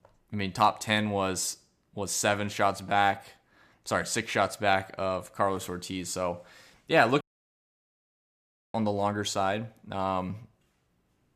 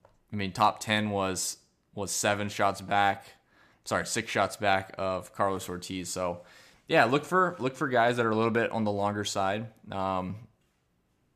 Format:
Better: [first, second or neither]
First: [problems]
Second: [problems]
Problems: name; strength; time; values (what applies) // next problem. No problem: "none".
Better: second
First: audio cutting out; at 7 s for 1.5 s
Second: none